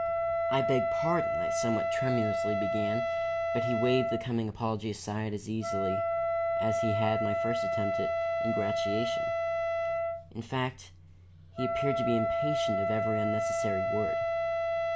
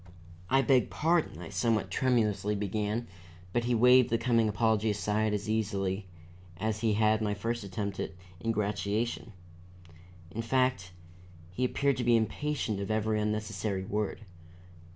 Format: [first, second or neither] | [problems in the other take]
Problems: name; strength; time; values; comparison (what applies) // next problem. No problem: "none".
second | background sound (Wind instrument, woodwind instrument); 4 dB above the speech